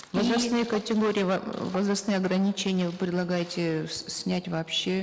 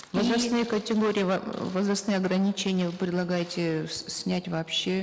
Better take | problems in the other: second | background sound (Tap); 16 dB below the speech

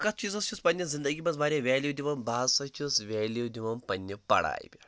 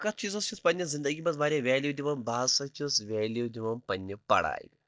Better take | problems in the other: first | noise reduction (neural mask model DeepFilterNet 3)

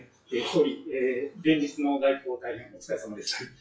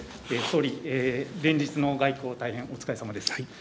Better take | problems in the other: second | noise reduction (classical method WPE with log-MMSE)

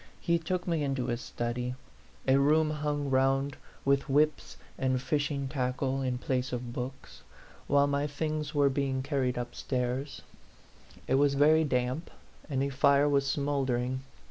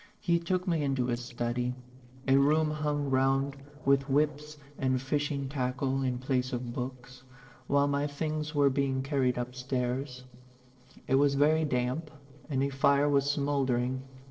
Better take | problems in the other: first | noise reduction (neural separator model SepFormer DNS4)

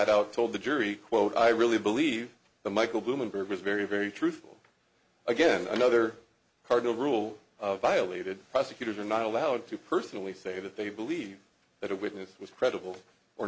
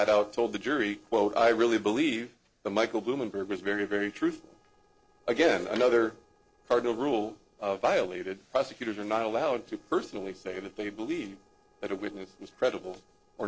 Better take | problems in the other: first | noise reduction (neural separator model SepFormer DNS4)

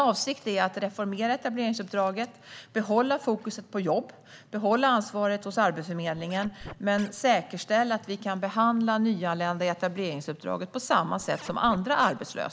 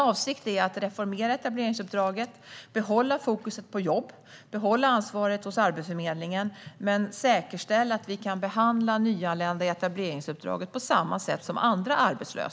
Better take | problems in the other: second | background sound (Scratching (performance technique)); 18 dB below the speech

